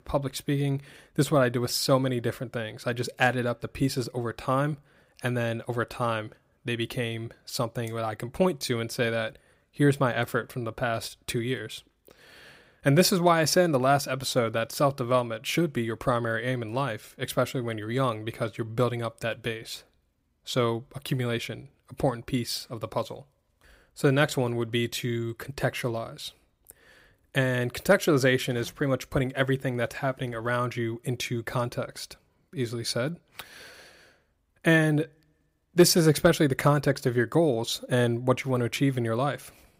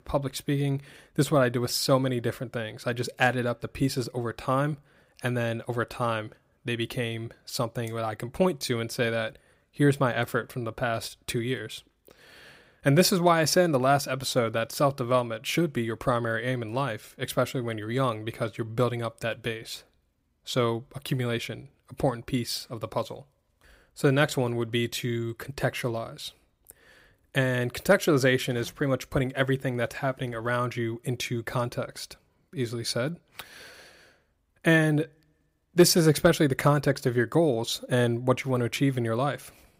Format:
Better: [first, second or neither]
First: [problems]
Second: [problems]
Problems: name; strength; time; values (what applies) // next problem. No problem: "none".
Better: neither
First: none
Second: none